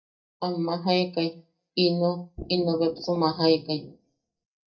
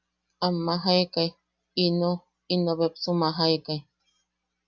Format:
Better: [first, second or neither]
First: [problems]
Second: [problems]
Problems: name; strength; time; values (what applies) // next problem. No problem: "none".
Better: second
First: noise reduction (neural mask model DeepFilterNet 3)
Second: none